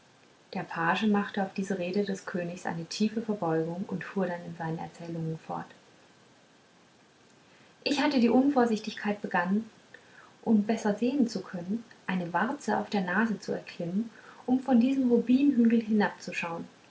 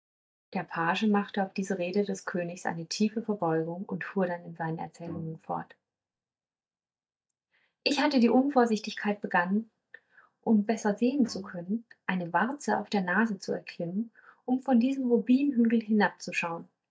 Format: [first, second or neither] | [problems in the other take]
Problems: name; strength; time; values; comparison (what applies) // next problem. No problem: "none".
first | noise reduction (neural mask model DeepFilterNet 3)